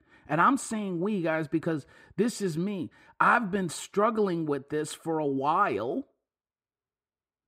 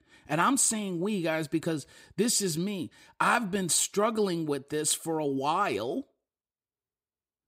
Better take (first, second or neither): second